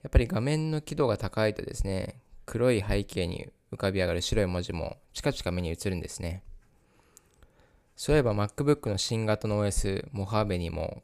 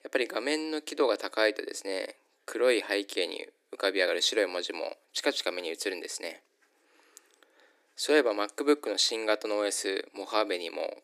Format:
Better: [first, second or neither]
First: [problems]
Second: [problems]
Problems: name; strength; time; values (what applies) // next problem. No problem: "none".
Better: first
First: none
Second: thin; somewhat; fading below 300 Hz